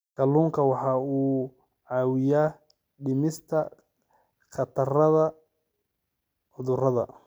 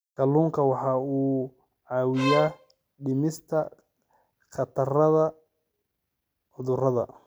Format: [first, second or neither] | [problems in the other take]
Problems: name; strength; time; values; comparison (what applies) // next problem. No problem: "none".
first | background sound (Bowed string instrument); 5 dB below the speech